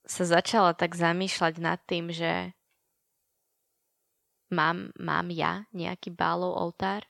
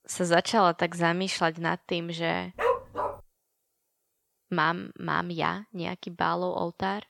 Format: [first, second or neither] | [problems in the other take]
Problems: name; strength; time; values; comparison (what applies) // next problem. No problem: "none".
first | dog barking; noticeable; at 2.5 s; peak level with the speech